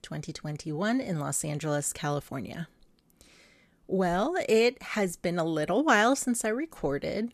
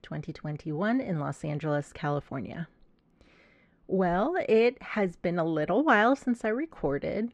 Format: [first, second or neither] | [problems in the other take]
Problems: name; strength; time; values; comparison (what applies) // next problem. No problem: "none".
first | muffled; very; fading above 2.5 kHz